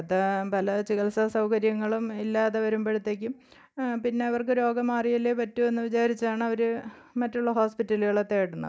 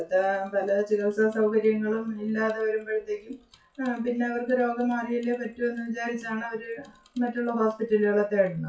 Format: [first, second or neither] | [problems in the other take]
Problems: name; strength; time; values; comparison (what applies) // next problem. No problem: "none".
first | noise reduction (classical method WPE with log-MMSE)